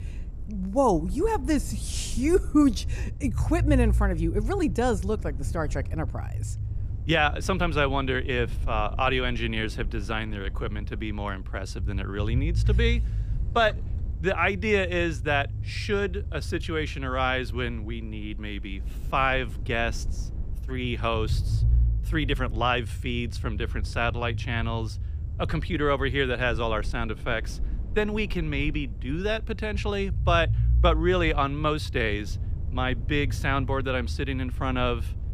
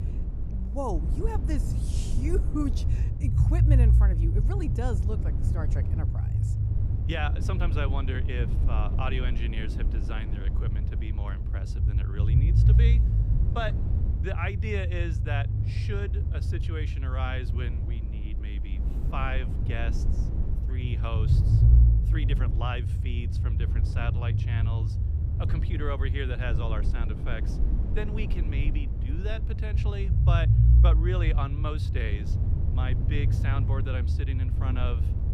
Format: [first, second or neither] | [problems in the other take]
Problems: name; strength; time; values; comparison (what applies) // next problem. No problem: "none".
first | low rumble; loud; throughout; 5 dB below the speech; faint in the first